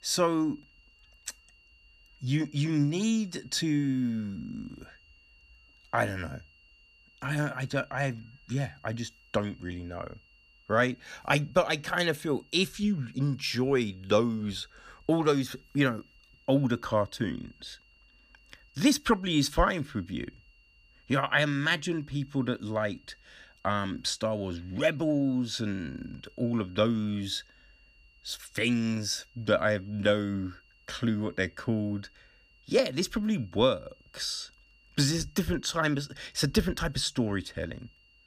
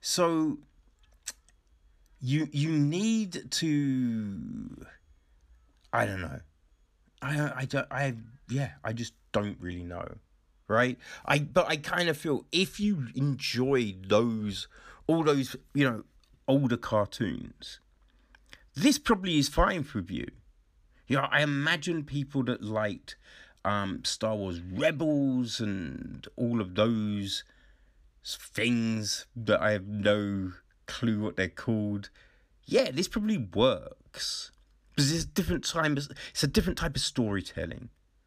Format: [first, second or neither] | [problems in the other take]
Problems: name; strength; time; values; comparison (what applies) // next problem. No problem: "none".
second | high-pitched whine; faint; throughout; 3 kHz, 30 dB below the speech